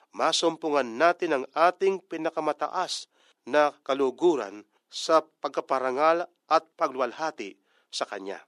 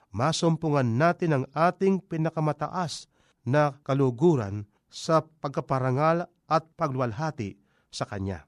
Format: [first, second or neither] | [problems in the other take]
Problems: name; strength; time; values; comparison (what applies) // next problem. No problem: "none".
second | thin; very; fading below 350 Hz